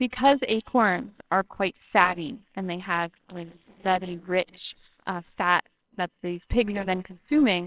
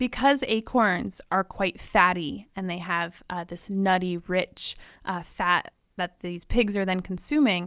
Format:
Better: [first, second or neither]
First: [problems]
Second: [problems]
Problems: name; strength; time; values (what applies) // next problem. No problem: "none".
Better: second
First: noise reduction (neural separator model SepFormer WHAMR!)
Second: none